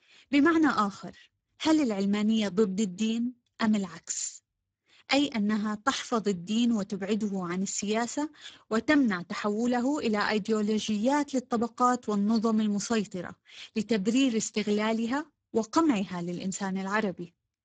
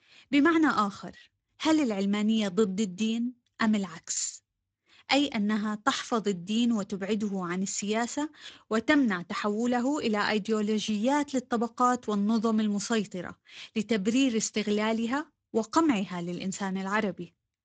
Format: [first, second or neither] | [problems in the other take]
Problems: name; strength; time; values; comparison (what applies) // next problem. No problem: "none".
second | garbled, watery; badly; nothing above 7.5 kHz; slightly in the second